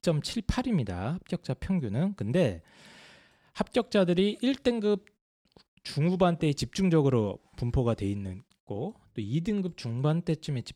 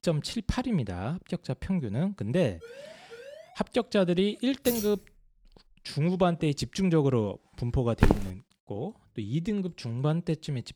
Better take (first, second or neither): first